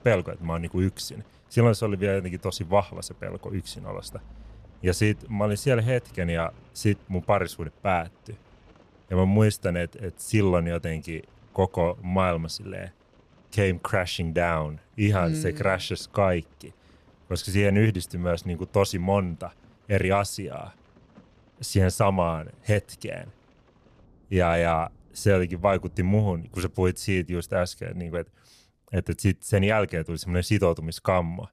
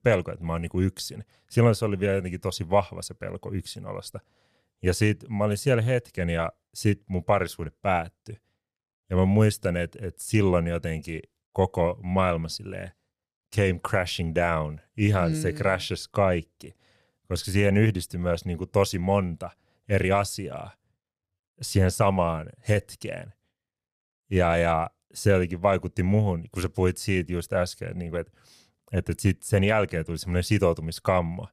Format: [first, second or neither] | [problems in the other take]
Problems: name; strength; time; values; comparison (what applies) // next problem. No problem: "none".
second | rain or running water; faint; throughout; 30 dB below the speech